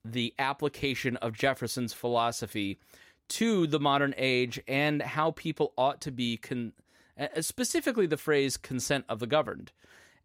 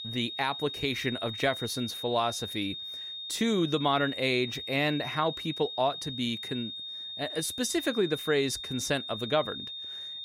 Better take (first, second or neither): first